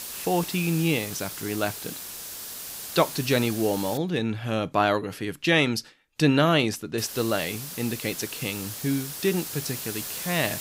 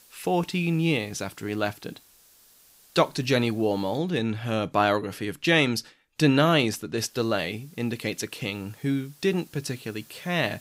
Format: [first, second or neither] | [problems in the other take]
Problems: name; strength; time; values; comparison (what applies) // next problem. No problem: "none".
second | hiss; loud; until 4 s and from 7 s on; 8 dB below the speech; faint in the second